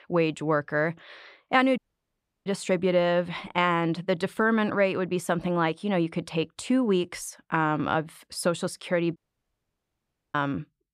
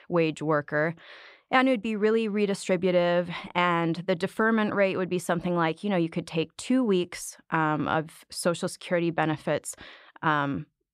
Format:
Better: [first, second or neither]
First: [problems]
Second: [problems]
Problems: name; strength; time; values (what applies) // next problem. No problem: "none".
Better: second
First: audio cutting out; at 2 s for 0.5 s and at 9 s for 1 s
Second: none